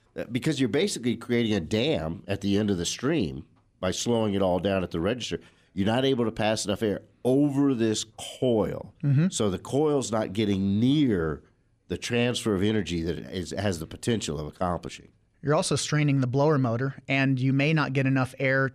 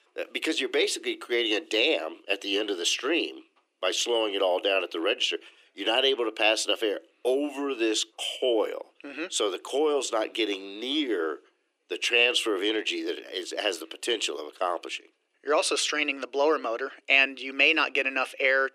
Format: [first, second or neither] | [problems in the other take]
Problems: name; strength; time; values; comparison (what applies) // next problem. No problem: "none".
first | thin; very; fading below 300 Hz